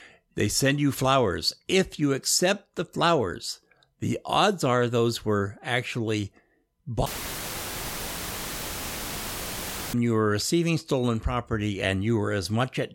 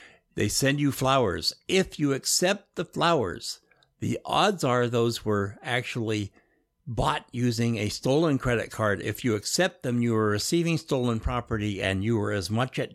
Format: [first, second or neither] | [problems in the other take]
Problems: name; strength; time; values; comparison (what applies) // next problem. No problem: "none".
second | audio cutting out; filled with static; at 7 s for 3 s